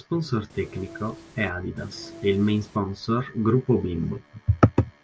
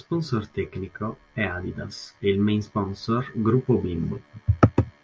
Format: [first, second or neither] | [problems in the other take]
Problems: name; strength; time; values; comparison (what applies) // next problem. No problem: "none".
second | background sound (Train); 19 dB below the speech